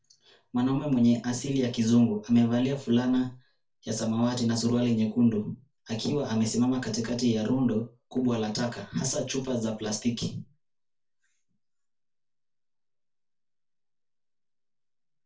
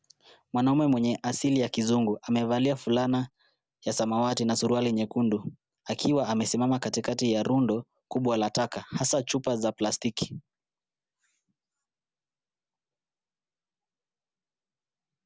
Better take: second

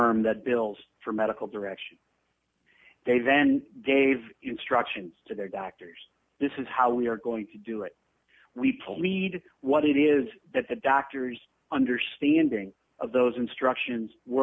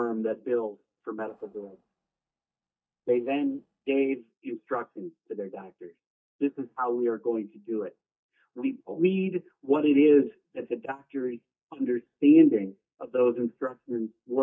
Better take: first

